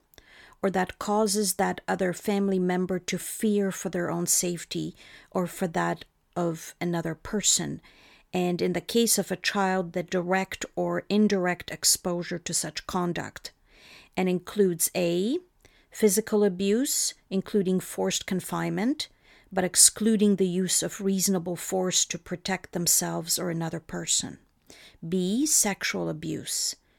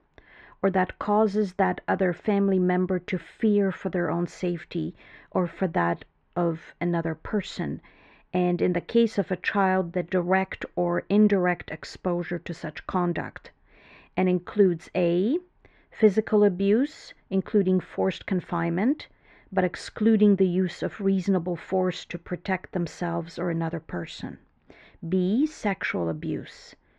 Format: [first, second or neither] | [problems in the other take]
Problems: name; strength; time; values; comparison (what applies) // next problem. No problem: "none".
first | muffled; very; fading above 2.5 kHz